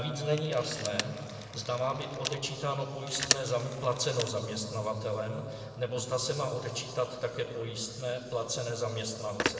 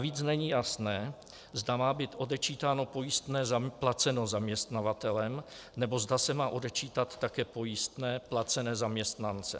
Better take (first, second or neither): second